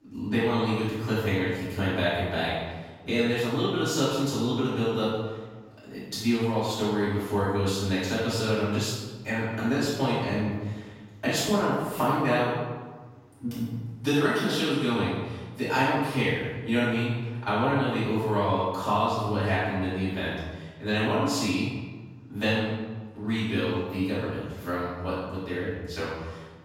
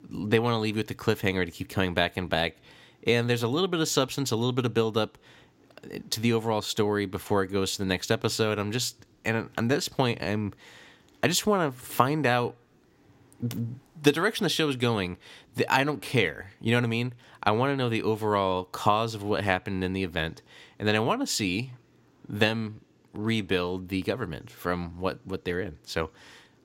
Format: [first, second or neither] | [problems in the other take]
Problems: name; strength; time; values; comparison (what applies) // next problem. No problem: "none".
second | off-mic speech; far // room echo; strong; dies away in 1.2 s